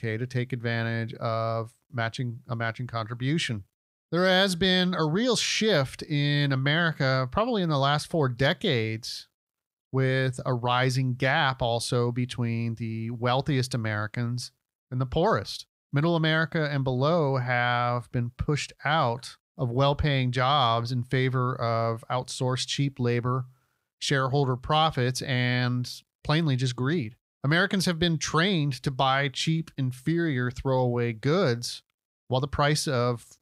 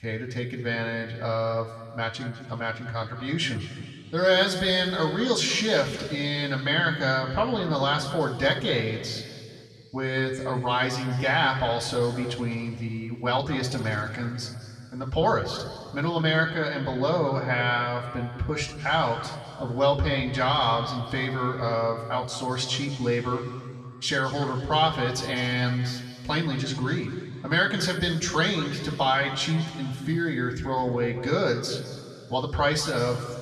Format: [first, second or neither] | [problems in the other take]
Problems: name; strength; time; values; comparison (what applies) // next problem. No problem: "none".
first | room echo; noticeable; dies away in 2.1 s // off-mic speech; far